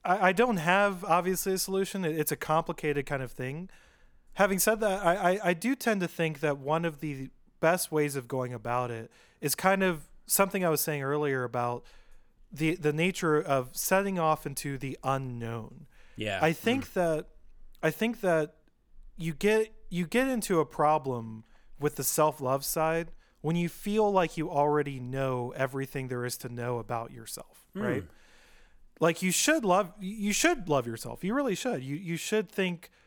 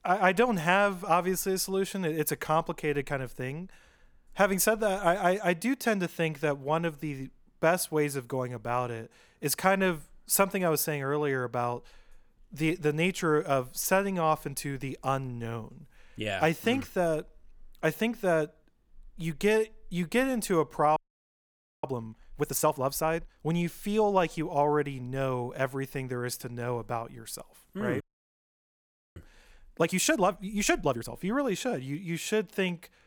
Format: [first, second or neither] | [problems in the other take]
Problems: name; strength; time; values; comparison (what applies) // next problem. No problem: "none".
first | audio freezing; at 21 s for 1 s and at 28 s for 1 s